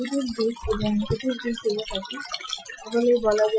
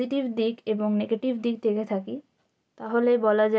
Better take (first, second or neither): second